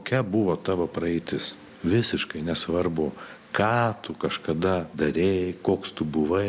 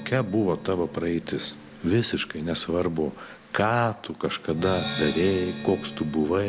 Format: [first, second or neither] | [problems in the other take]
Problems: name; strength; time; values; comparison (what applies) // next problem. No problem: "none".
first | background sound (Percussion); 13 dB below the speech